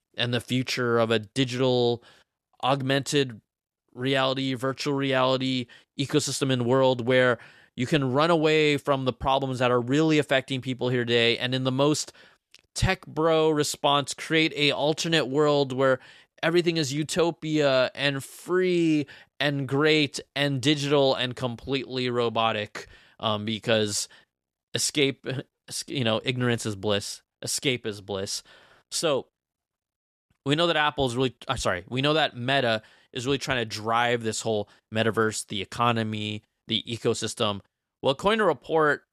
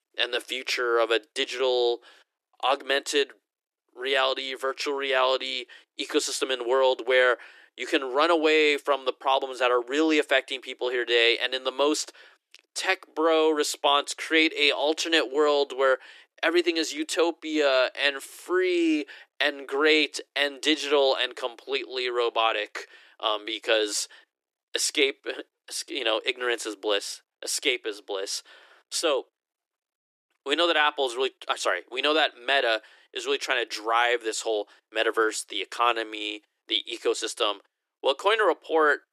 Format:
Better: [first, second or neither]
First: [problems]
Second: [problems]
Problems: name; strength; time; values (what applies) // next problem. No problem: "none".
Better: first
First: none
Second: thin; very; fading below 300 Hz